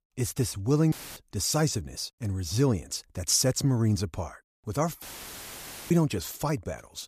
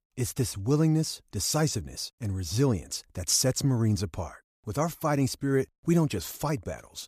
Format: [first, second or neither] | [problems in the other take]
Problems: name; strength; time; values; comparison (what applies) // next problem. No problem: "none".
second | audio cutting out; filled with static; at 1 s and at 5 s for 1 s